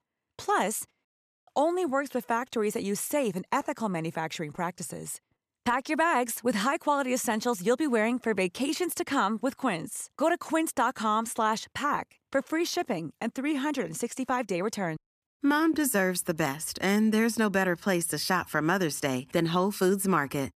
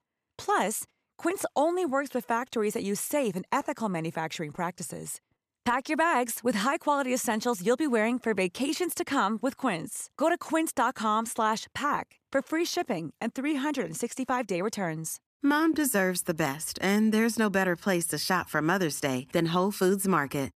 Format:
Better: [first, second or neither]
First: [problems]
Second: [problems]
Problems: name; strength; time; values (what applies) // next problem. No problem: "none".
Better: second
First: audio cutting out; at 1 s and at 15 s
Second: none